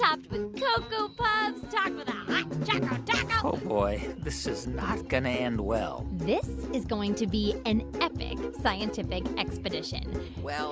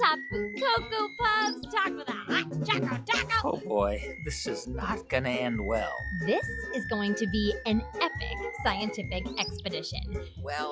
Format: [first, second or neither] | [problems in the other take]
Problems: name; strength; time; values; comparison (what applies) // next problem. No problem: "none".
first | noise reduction (classical method log-MMSE)